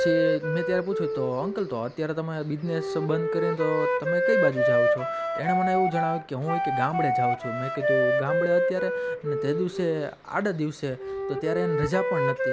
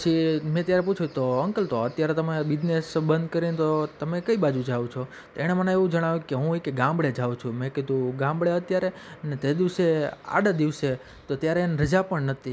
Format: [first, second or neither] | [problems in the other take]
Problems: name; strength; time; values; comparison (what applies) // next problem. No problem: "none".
second | background sound (Wind instrument, woodwind instrument); 2 dB above the speech